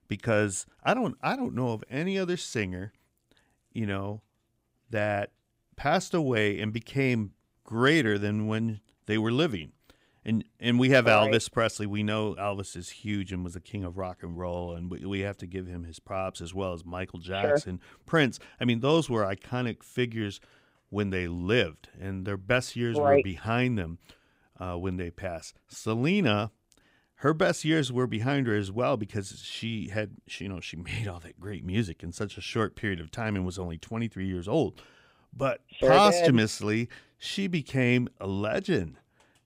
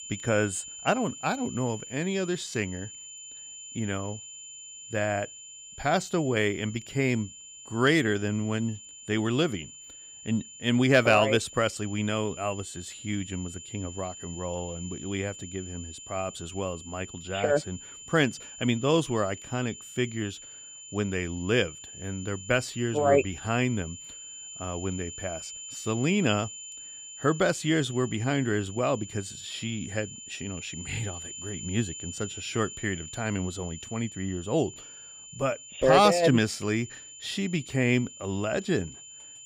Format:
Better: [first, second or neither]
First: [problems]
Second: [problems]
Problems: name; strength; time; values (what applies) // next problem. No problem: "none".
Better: first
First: none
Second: high-pitched whine; noticeable; throughout; 7 kHz, 15 dB below the speech